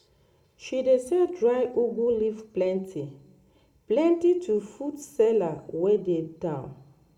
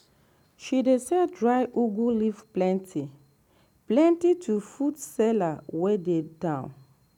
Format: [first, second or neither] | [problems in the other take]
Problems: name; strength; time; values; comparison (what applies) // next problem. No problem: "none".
second | room echo; dies away in 0.6 s